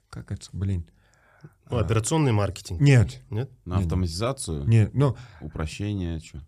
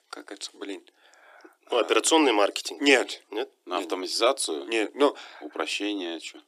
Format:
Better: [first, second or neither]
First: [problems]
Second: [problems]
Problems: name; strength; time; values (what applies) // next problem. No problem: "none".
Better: first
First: none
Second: thin; very; fading below 300 Hz